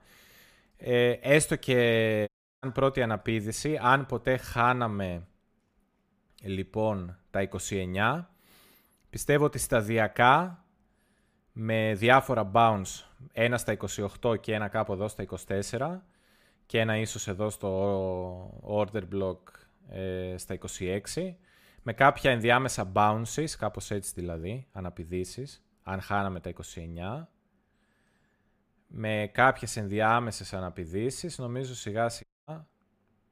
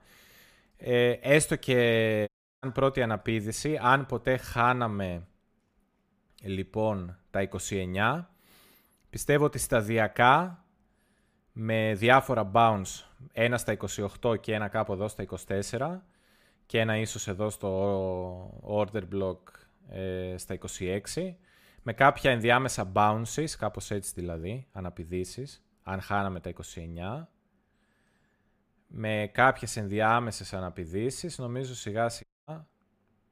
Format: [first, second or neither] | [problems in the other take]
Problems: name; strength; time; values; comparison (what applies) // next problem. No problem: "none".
neither | audio cutting out; at 2.5 s and at 32 s; the same in both